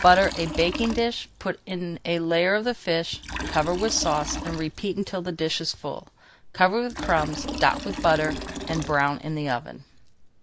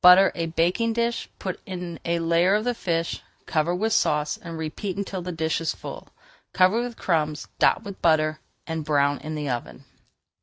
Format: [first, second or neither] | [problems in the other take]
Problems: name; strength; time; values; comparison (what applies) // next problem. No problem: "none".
second | background sound (Liquid); 11 dB below the speech